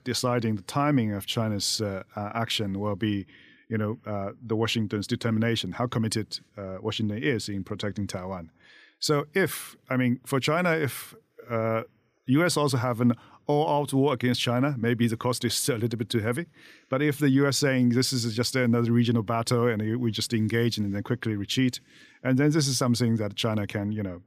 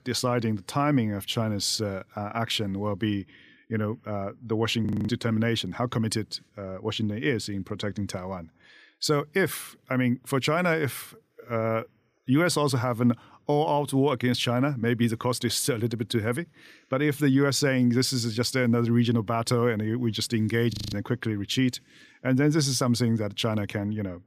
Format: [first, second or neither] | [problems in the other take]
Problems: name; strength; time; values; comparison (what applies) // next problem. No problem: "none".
first | audio freezing; at 5 s and at 21 s